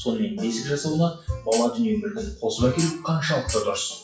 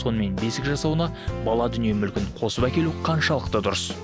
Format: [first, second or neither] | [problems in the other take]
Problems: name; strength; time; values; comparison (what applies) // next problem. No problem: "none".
second | noise reduction (classical method WPE with log-MMSE)